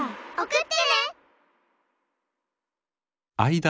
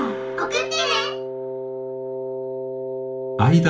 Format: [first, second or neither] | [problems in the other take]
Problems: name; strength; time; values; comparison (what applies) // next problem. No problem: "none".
first | background sound (Wind instrument, woodwind instrument); 4 dB below the speech // room echo; dies away in 0.3 s